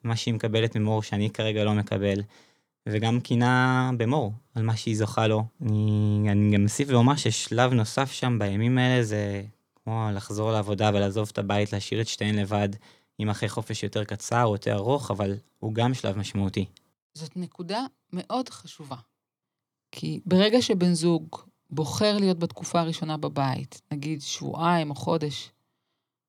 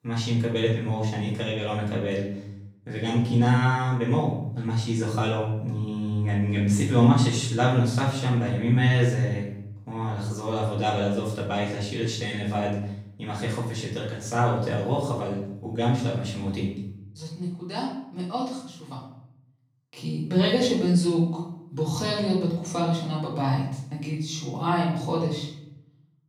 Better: first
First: none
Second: off-mic speech; far // room echo; noticeable; dies away in 0.7 s

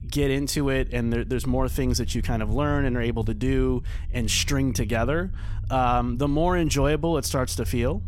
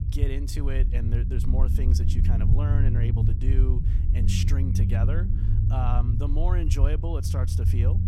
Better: first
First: low rumble; faint; throughout; 25 dB below the speech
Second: low rumble; loud; throughout; 2 dB below the speech

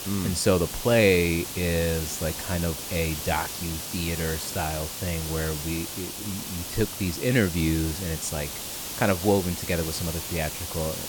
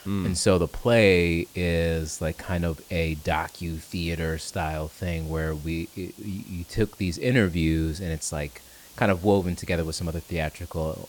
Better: second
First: hiss; loud; throughout; 5 dB below the speech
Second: hiss; faint; throughout; 20 dB below the speech

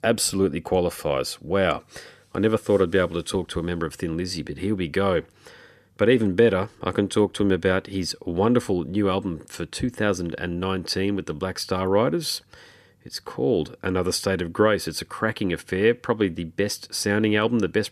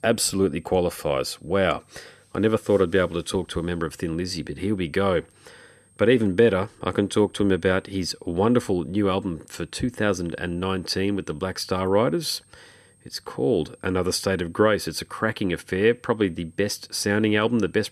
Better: first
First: none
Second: high-pitched whine; faint; throughout; 8.5 kHz, 35 dB below the speech

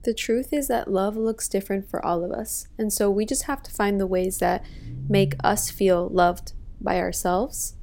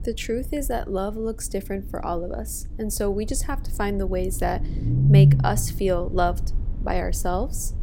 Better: first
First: low rumble; faint; throughout; 20 dB below the speech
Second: low rumble; loud; throughout; 5 dB below the speech

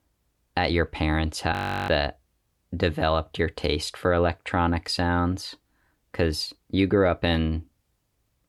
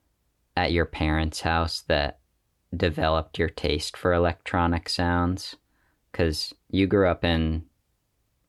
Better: second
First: audio freezing; at 1.5 s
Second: none

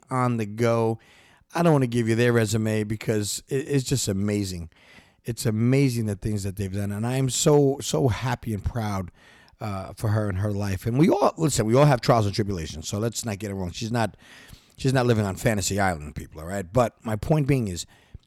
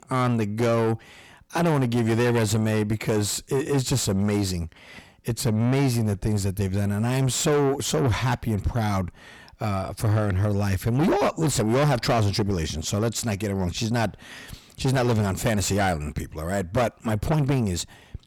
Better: first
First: none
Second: distortion; heavy; 7 dB below the speech

